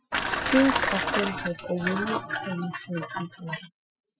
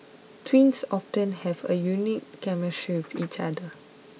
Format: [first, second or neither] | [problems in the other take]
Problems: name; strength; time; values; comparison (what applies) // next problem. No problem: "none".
second | noise reduction (classical method Wiener filter)